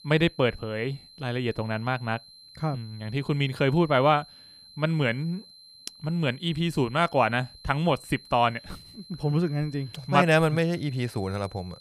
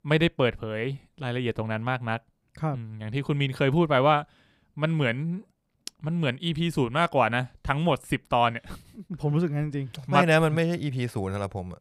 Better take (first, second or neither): second